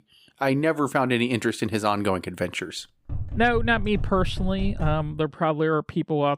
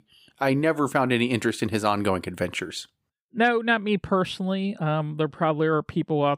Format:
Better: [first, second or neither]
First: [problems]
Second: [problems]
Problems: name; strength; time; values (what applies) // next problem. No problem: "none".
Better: second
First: door banging; noticeable; from 3 to 5 s; peak 7 dB below the speech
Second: none